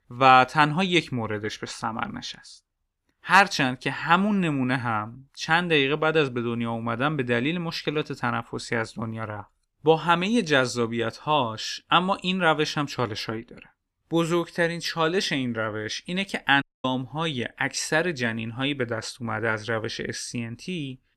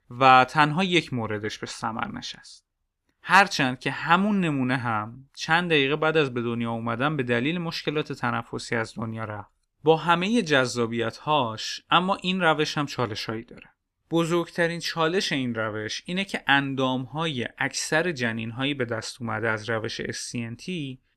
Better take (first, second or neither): second